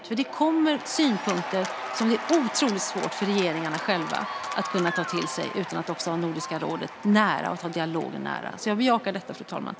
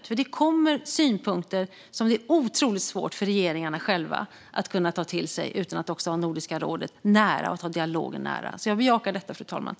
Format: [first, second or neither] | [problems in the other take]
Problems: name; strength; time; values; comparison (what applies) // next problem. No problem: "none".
second | background sound (Applause / Cheering); 9 dB below the speech